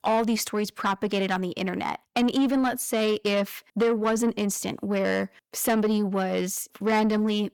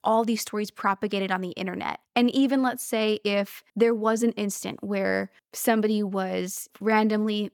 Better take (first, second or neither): second